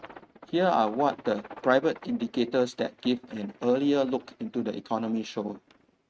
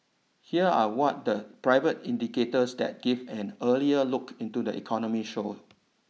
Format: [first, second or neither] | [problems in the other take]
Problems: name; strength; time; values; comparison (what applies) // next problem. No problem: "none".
second | noise reduction (neural mask model RNNoise)